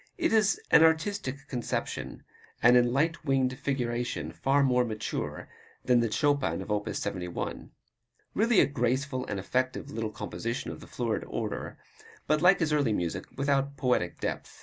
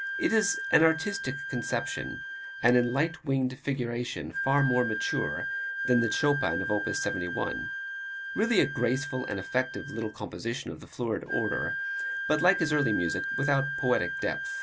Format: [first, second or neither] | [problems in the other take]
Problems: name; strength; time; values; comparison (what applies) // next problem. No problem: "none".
first | background sound (Wind instrument, woodwind instrument); 5 dB below the speech